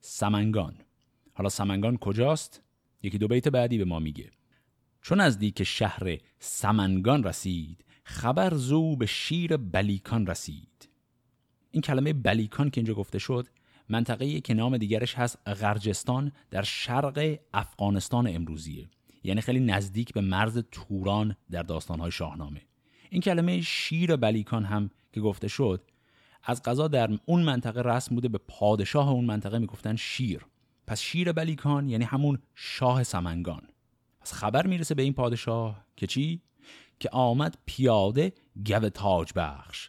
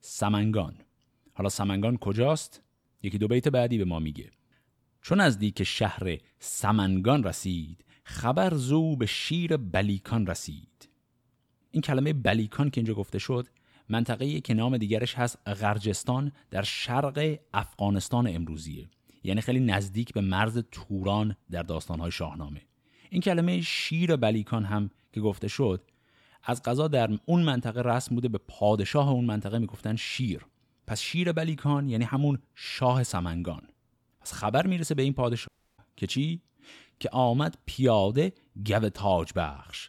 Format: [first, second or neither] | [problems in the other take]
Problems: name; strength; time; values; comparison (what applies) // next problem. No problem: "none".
first | audio cutting out; at 35 s